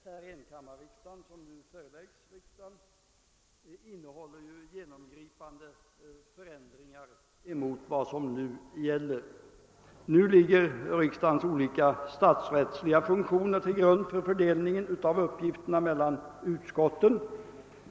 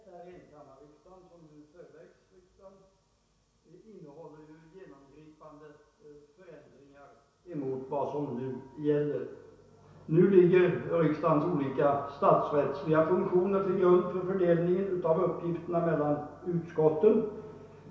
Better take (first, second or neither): first